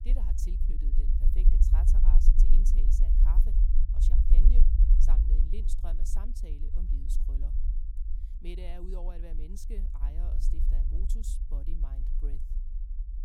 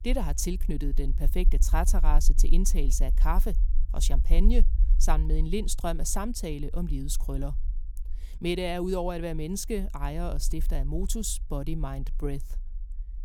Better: second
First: low rumble; loud; throughout; 1 dB below the speech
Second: low rumble; faint; throughout; 20 dB below the speech

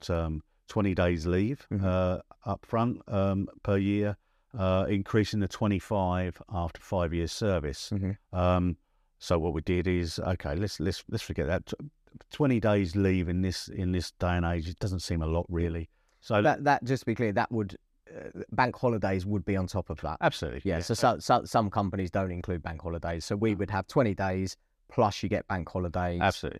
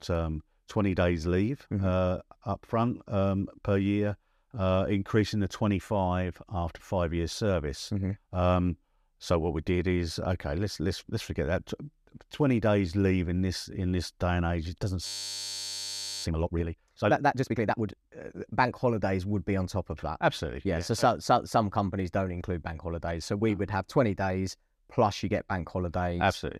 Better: first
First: none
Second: audio freezing; at 15 s for 1 s

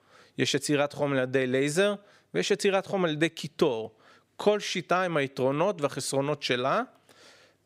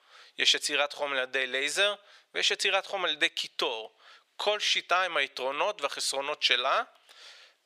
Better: first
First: none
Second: thin; very; fading below 750 Hz

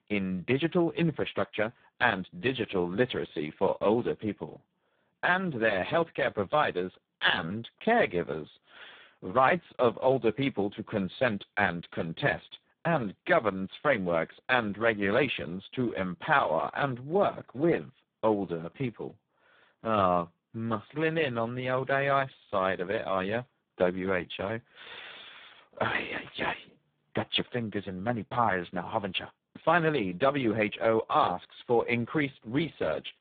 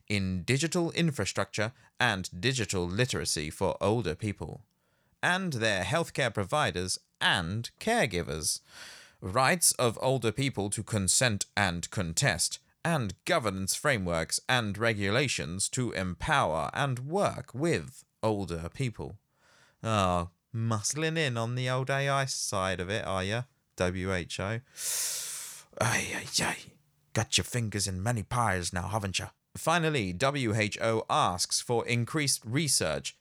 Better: second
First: phone-call audio; poor line; nothing above 3.5 kHz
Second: none

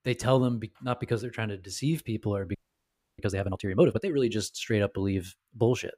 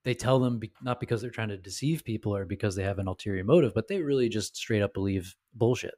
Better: second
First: audio freezing; at 2.5 s for 0.5 s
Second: none

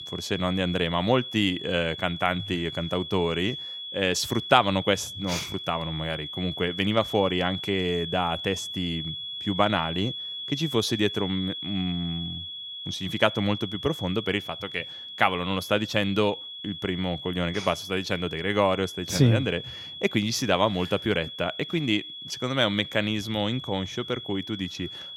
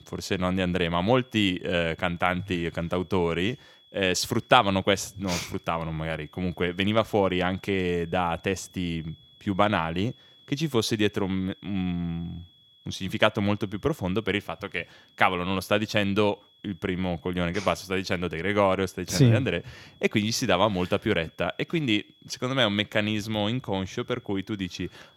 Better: second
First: high-pitched whine; loud; throughout; 3.5 kHz, 8 dB below the speech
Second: high-pitched whine; faint; throughout; 3.5 kHz, 30 dB below the speech

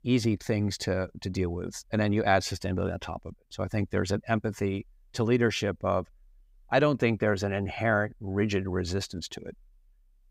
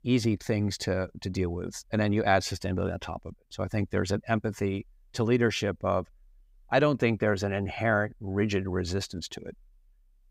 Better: neither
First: none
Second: none

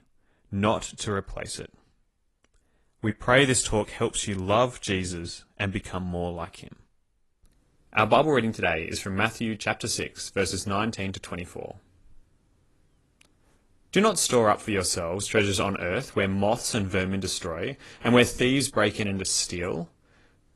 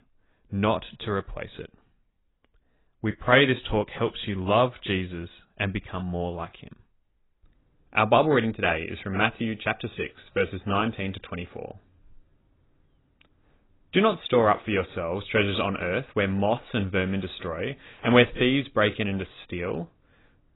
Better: first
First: garbled, watery; slightly; nothing above 11 kHz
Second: garbled, watery; badly; nothing above 4 kHz

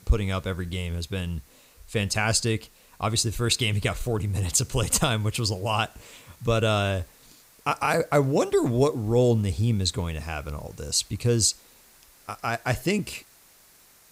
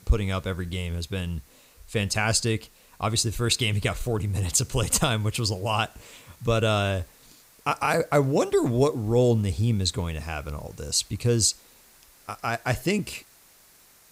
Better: neither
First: hiss; faint; throughout; 30 dB below the speech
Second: hiss; faint; throughout; 30 dB below the speech

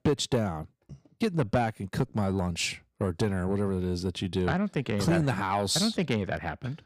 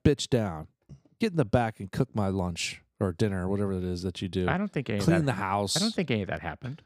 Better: second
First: distortion; slight; 10 dB below the speech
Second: none

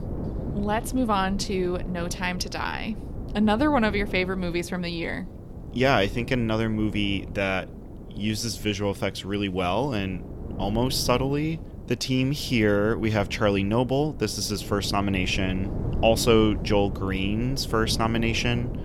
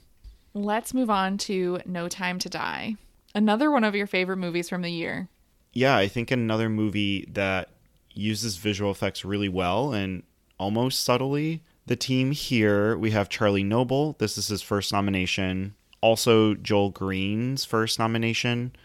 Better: second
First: wind noise on the microphone; occasional gusts; 15 dB below the speech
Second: none

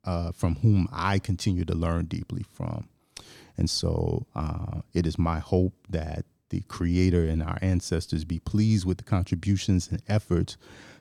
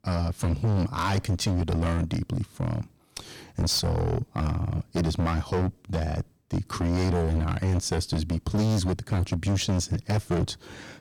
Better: first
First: none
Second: distortion; heavy; 17% of the sound clipped

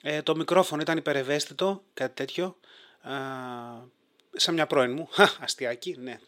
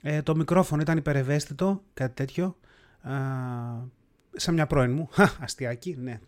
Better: second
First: thin; somewhat; fading below 400 Hz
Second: none

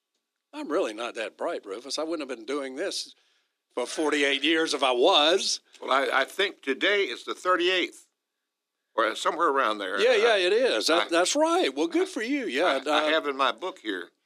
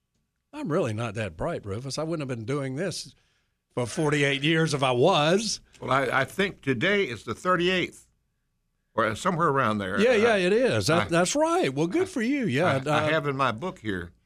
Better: second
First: thin; somewhat; fading below 300 Hz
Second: none

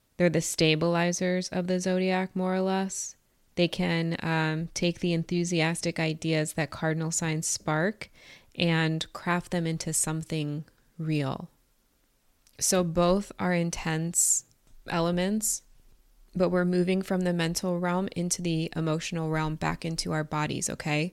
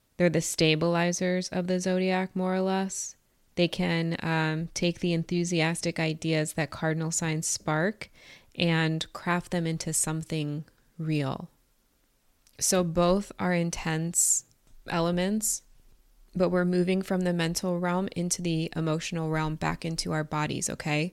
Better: neither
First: none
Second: none

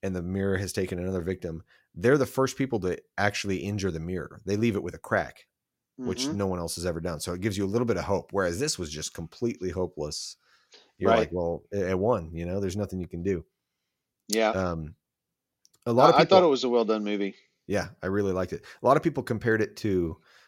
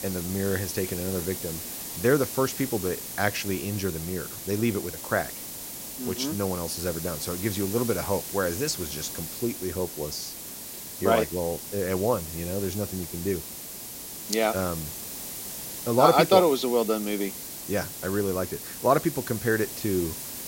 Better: first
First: none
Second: hiss; loud; throughout; 7 dB below the speech

